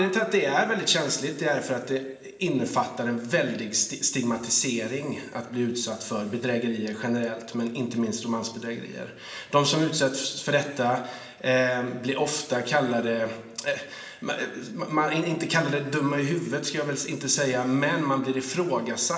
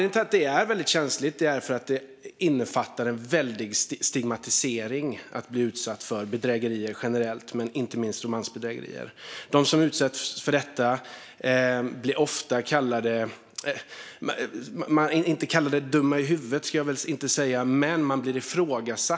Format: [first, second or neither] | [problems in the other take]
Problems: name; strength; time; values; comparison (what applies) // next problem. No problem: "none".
second | room echo; dies away in 1.7 s